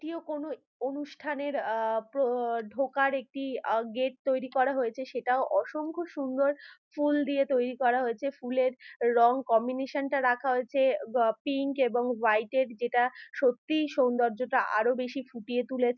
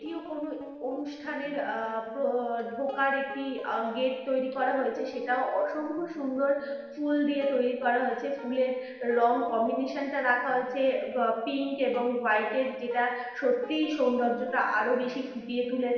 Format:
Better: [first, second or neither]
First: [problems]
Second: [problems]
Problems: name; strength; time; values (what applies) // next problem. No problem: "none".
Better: first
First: none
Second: noise reduction (neural separator model SepFormer DNS4)